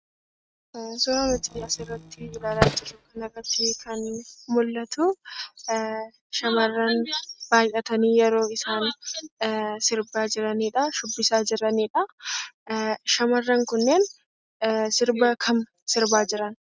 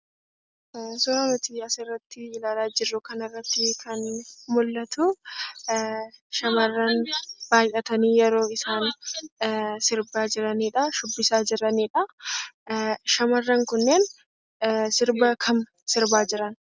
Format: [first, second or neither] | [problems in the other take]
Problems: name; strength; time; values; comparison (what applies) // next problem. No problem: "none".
second | noise reduction (neural mask model RNNoise)